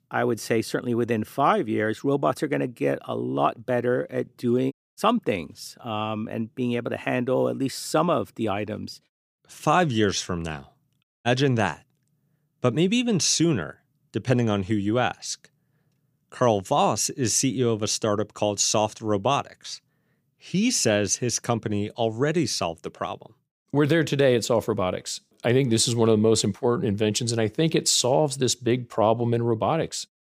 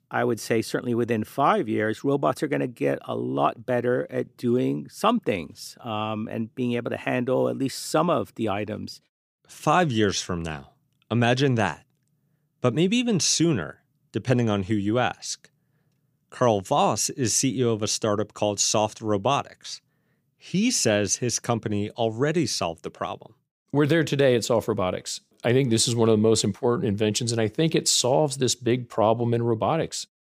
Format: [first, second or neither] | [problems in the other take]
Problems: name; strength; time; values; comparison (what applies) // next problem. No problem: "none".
second | audio cutting out; at 4.5 s and at 11 s